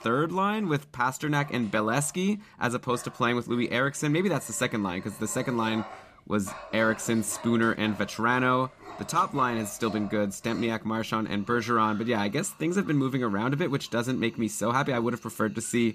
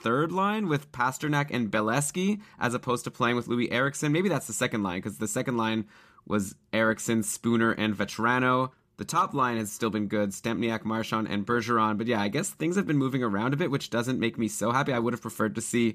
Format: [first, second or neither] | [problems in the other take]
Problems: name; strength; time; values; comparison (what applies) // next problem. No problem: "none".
second | animal sounds; noticeable; throughout; 20 dB below the speech